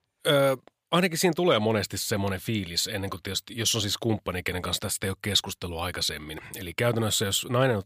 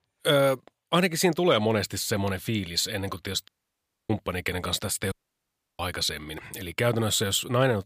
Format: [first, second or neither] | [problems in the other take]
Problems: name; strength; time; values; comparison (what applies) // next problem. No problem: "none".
first | audio cutting out; at 3.5 s for 0.5 s and at 5 s for 0.5 s